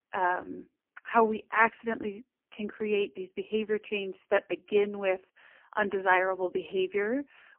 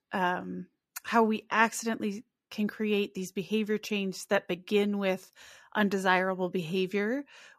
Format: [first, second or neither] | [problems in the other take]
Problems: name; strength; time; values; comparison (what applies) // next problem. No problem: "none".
second | phone-call audio; poor line; nothing above 3 kHz